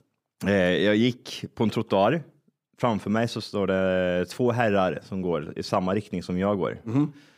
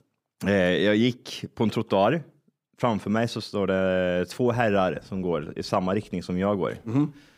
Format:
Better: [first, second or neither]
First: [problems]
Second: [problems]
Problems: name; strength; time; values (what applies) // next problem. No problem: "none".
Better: first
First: none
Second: household noises; very faint; from 4 s on; 30 dB below the speech